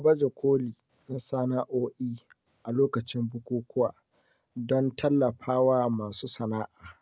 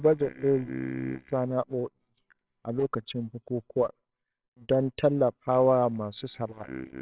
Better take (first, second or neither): first